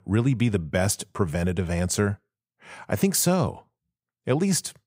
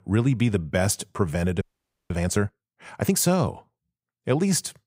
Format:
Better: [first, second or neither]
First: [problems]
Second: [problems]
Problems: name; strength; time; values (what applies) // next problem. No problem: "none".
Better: first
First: none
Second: audio freezing; at 1.5 s